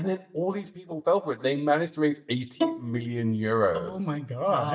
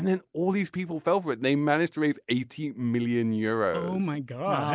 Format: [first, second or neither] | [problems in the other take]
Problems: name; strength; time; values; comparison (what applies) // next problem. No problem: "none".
second | noise reduction (neural mask model DeepFilterNet 3)